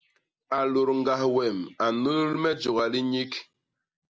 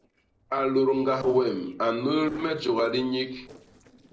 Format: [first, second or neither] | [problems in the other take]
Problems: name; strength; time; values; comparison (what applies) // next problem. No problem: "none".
first | noise reduction (neural separator model SepFormer DNS4)